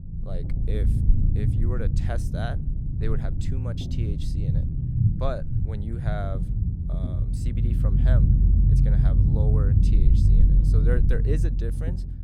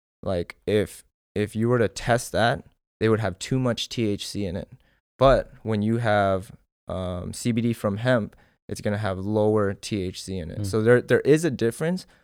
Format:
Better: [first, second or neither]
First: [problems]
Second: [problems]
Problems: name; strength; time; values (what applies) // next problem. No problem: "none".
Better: second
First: low rumble; loud; throughout; as loud as the speech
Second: none